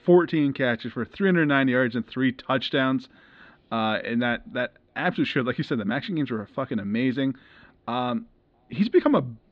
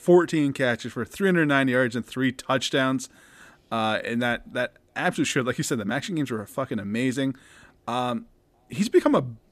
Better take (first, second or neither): second